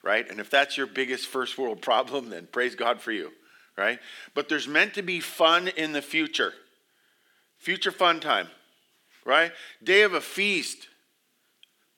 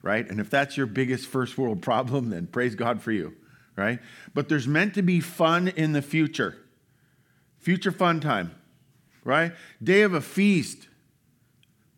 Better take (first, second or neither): second